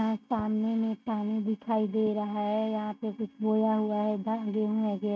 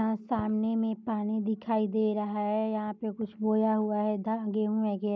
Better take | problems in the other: second | noise reduction (neural mask model RNNoise)

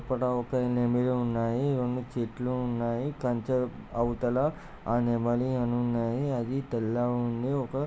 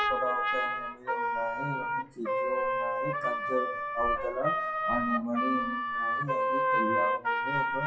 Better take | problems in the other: first | noise reduction (classical method WPE with log-MMSE)

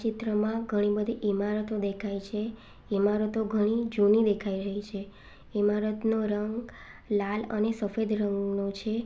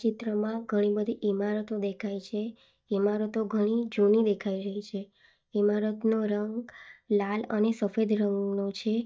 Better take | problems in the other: first | noise reduction (neural mask model DeepFilterNet 3)

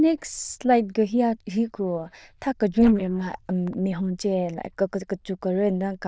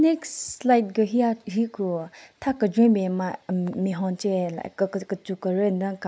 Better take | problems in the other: second | noise reduction (neural diffusion model UNIVERSE++)

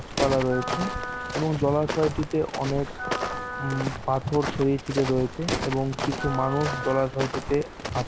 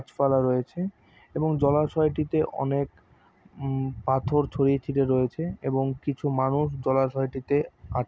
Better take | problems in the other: second | background sound (Wind instrument, woodwind instrument + Walk, footsteps); 5 dB below the speech

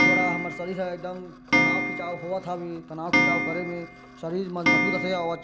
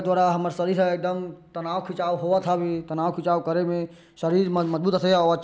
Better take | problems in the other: second | background sound (Clock); 5 dB above the speech

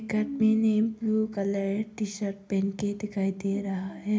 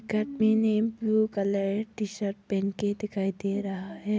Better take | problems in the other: second | room echo; dies away in 0.4 s

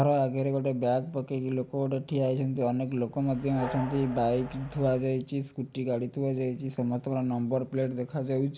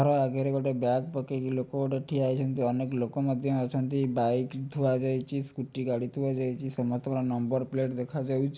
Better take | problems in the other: second | background sound (Train); 13 dB below the speech

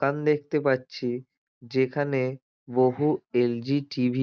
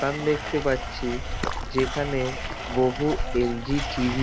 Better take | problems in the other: first | background sound (Waves, surf + Domestic sounds, home sounds); 4 dB below the speech

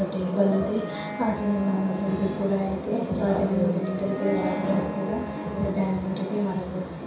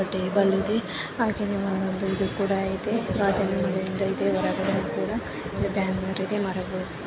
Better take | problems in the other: second | background sound (Wind instrument, woodwind instrument); 12 dB below the speech // room echo; dies away in 0.6 s

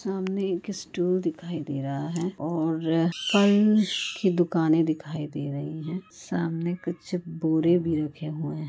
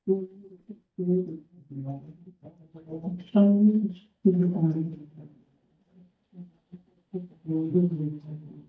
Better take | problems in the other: first | noise reduction (neural mask model DeepFilterNet 3)

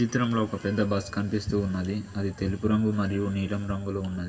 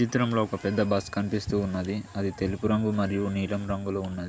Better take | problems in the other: second | room echo; dies away in 1.6 s

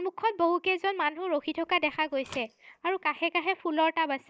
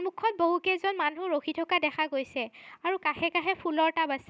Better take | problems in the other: second | noise reduction (neural mask model DeepFilterNet 3)

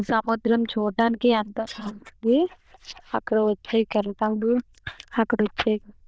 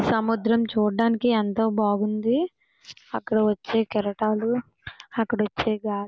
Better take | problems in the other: second | noise reduction (neural diffusion model UNIVERSE++)

